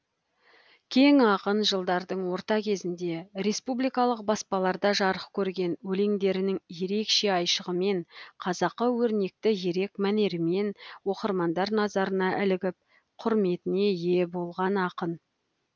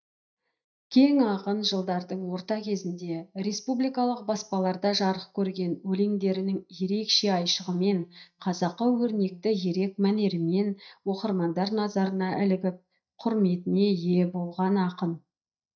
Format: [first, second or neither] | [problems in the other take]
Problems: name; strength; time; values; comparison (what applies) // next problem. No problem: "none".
first | noise reduction (neural mask model DeepFilterNet 3)